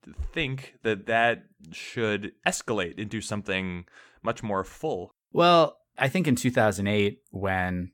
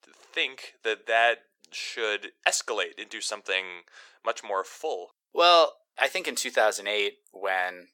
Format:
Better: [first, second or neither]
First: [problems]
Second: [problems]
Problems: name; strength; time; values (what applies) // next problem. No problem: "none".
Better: first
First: none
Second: thin; very; fading below 450 Hz